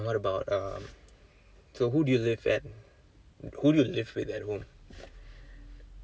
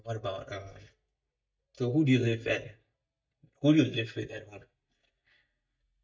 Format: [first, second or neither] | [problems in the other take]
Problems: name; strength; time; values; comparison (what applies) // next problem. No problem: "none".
first | noise reduction (neural mask model DeepFilterNet 3)